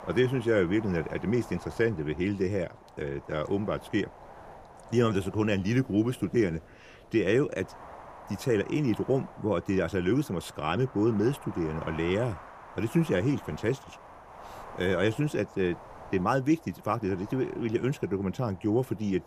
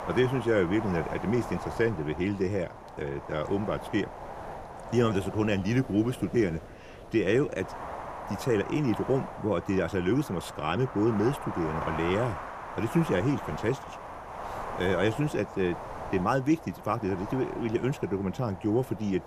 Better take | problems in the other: first | wind noise on the microphone; heavy; 7 dB below the speech; occasional gusts in the first

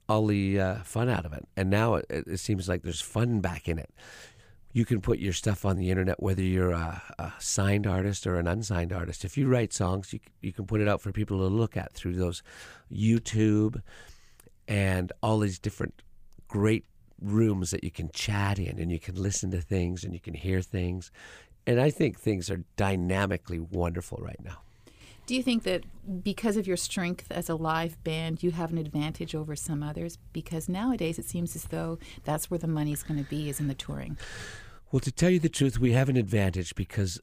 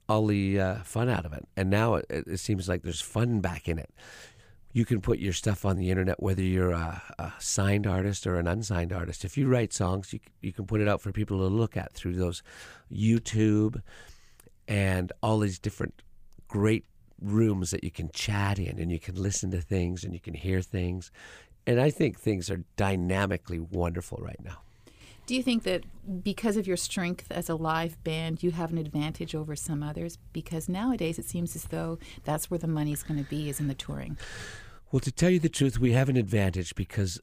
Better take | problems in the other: neither | none

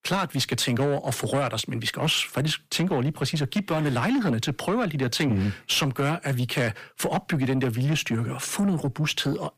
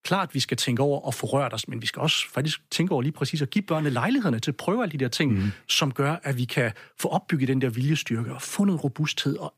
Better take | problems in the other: second | distortion; slight; 10 dB below the speech

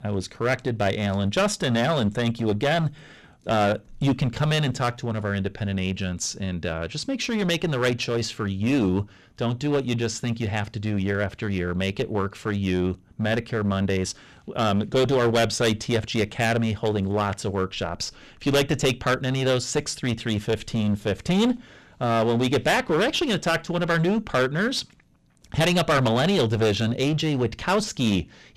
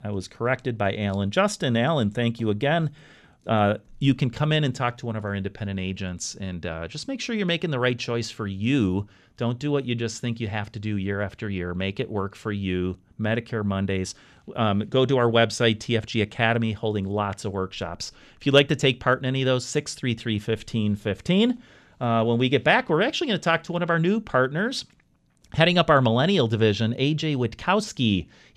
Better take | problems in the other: second | distortion; heavy; 11% of the sound clipped

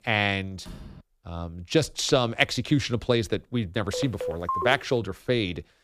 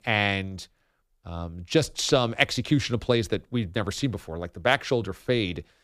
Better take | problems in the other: second | door banging; faint; at 0.5 s; peak 20 dB below the speech // phone ringing; noticeable; at 4 s; peak 4 dB below the speech

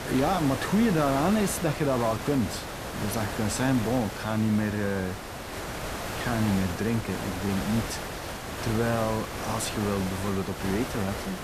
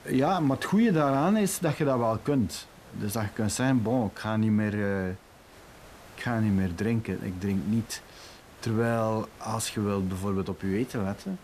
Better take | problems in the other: second | hiss; loud; throughout; 6 dB below the speech; faint in the second

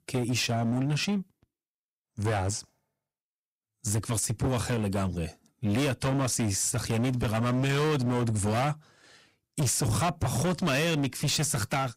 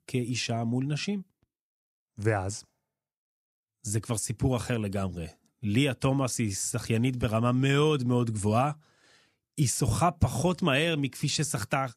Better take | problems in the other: second | distortion; heavy; 20% of the sound clipped

